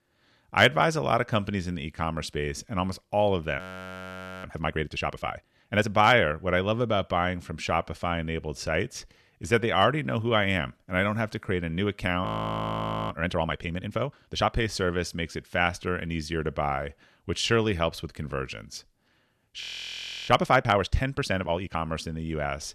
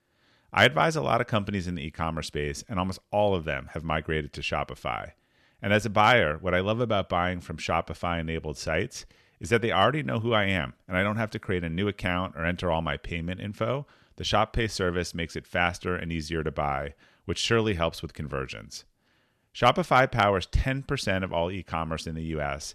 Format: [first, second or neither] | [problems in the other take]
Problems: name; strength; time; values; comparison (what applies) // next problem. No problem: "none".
second | audio freezing; at 3.5 s for 1 s, at 12 s for 1 s and at 20 s for 0.5 s